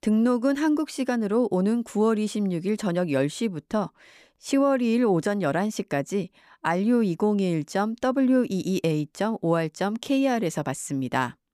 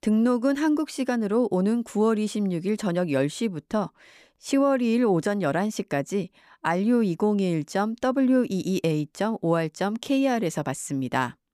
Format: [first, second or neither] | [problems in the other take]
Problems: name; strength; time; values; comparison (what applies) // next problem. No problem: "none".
neither | none